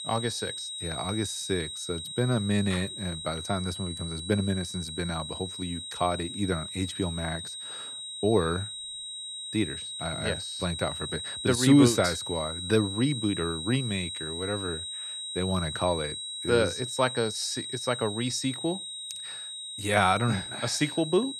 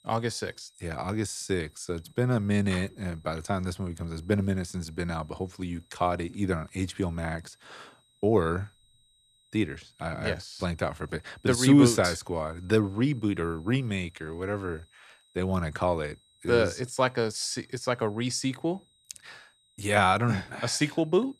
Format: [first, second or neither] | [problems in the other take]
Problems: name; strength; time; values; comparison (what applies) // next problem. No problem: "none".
second | high-pitched whine; loud; throughout; 4 kHz, 6 dB below the speech; faint in the second